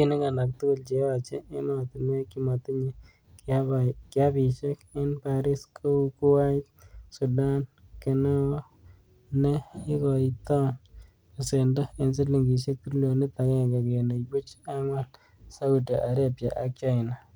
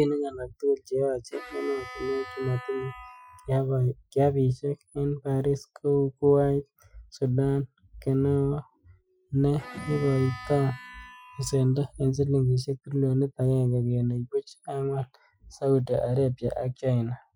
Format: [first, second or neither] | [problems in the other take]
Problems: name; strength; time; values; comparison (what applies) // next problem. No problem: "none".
first | noise reduction (classical method Wiener filter)